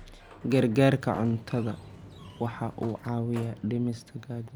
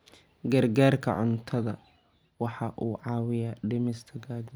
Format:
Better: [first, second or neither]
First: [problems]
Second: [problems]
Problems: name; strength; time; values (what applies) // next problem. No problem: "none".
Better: second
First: background sound (Sliding door); 18 dB below the speech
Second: none